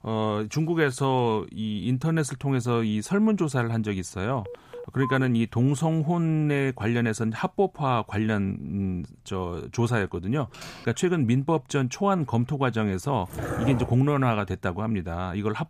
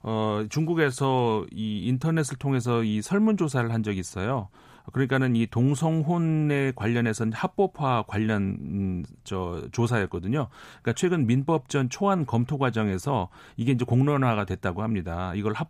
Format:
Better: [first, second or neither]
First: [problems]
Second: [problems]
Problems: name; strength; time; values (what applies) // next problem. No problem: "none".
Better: second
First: phone ringing; noticeable; at 4.5 s; peak 10 dB below the speech // keyboard typing; faint; at 10 s; peak 15 dB below the speech // dog barking; noticeable; at 13 s; peak 4 dB below the speech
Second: none